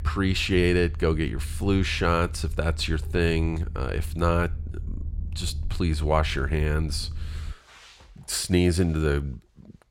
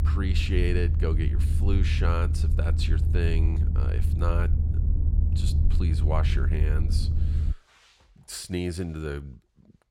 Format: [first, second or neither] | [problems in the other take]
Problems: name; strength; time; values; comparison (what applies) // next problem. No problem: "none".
first | low rumble; loud; until 7.5 s; 7 dB below the speech; faint in the first